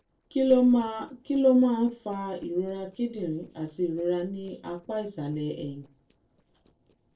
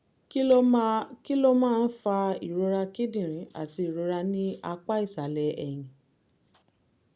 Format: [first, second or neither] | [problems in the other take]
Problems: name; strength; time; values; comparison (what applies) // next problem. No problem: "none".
second | noise reduction (neural separator model SepFormer DNS4)